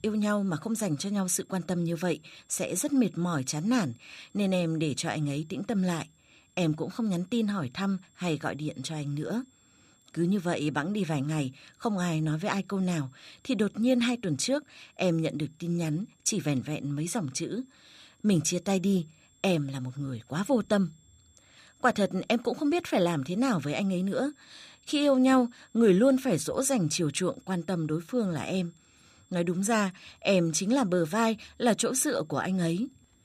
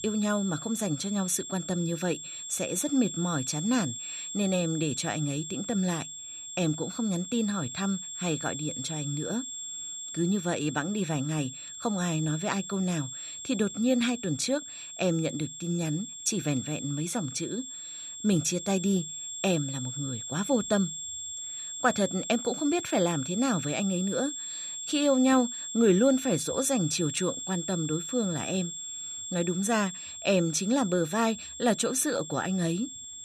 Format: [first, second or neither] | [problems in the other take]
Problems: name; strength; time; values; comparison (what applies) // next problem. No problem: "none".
first | high-pitched whine; loud; throughout; 7.5 kHz, 7 dB below the speech; faint in the first